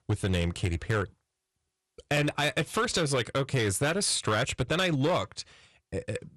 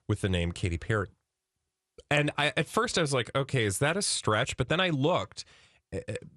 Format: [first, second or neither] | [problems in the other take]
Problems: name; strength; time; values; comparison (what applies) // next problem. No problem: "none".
second | distortion; slight; 7% of the sound clipped